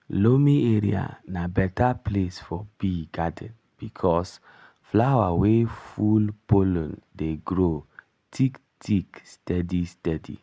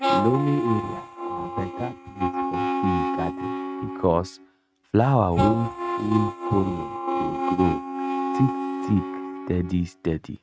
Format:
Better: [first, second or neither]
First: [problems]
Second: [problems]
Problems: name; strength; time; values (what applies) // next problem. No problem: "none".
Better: first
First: none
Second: noise reduction (neural mask model RNNoise)